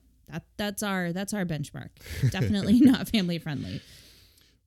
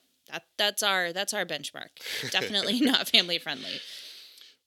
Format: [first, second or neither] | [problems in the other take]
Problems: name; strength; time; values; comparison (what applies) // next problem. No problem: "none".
first | thin; somewhat; fading below 550 Hz